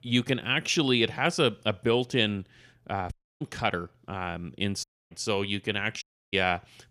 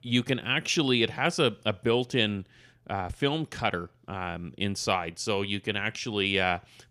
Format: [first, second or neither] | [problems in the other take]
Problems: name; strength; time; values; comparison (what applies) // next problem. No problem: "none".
second | audio cutting out; at 3 s, at 5 s and at 6 s